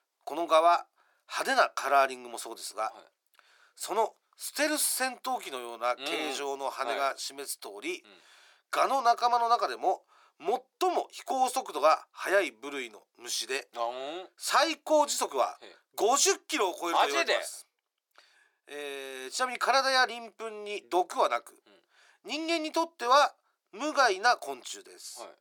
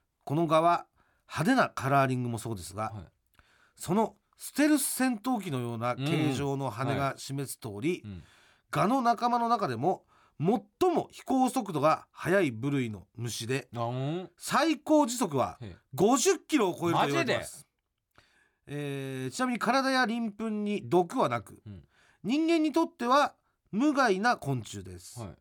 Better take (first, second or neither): second